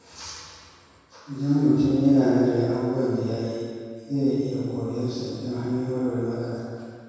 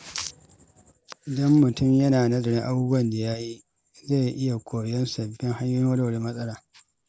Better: second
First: room echo; dies away in 2.2 s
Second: none

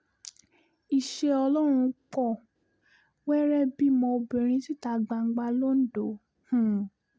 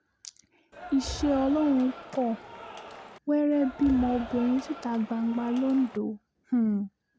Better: first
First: none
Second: background sound (Cheering); 13 dB below the speech

